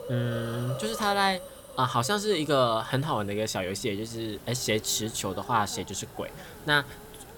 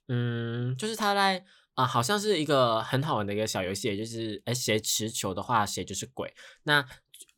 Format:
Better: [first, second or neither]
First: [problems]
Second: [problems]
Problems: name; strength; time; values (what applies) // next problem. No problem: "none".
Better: second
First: hiss; noticeable; throughout; 15 dB below the speech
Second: none